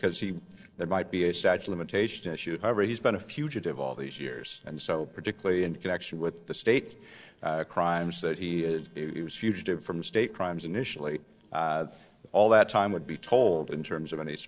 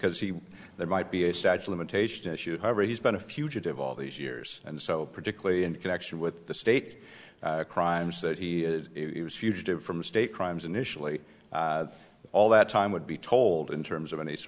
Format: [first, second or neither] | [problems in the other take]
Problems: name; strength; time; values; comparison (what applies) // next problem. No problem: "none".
second | noise reduction (neural separator model SepFormer DNS4)